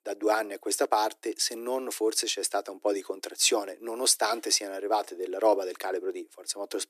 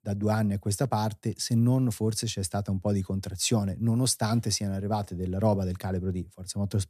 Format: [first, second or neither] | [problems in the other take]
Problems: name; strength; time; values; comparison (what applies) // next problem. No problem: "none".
second | thin; very; fading below 300 Hz